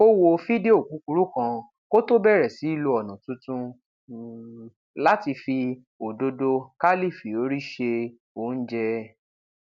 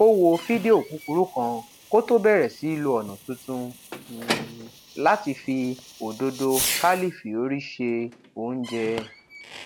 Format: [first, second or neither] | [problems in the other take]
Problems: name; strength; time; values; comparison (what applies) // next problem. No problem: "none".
first | background sound (Squeak / Slam / Wood + Fireworks); 12 dB below the speech